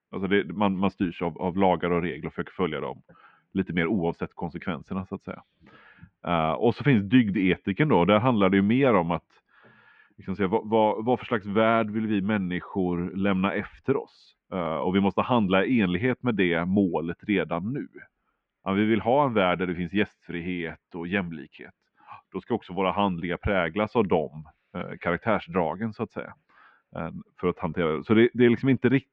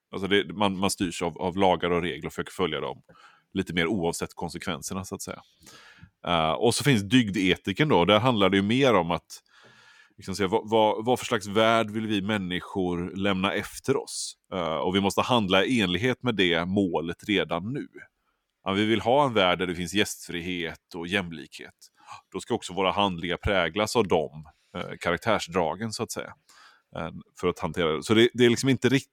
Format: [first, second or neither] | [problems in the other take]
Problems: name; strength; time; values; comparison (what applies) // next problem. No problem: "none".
second | muffled; very; fading above 2.5 kHz